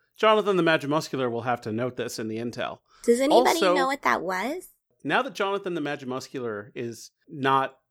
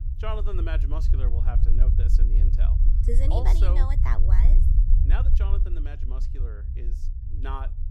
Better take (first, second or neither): first